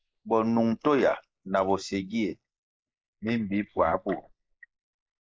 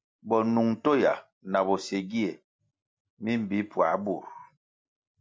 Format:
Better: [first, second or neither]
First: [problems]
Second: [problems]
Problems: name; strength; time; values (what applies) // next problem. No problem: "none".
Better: second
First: noise reduction (neural mask model Resemble Enhance denoiser)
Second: none